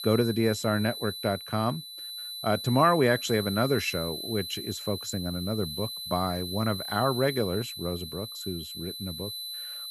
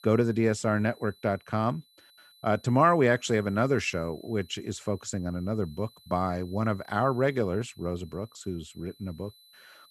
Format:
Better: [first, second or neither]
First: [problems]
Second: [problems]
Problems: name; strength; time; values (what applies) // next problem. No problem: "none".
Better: second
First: high-pitched whine; loud; throughout; 4 kHz, 7 dB below the speech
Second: high-pitched whine; faint; throughout; 4 kHz, 30 dB below the speech